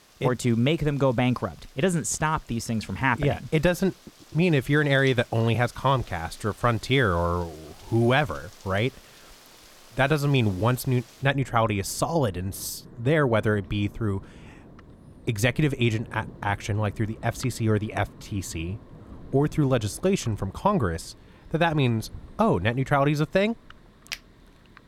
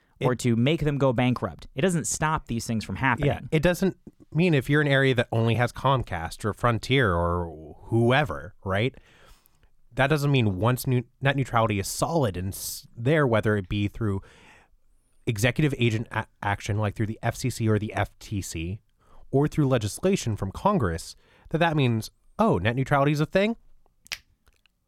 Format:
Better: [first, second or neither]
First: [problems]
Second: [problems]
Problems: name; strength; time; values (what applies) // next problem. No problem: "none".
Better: second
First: rain or running water; faint; throughout; 25 dB below the speech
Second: none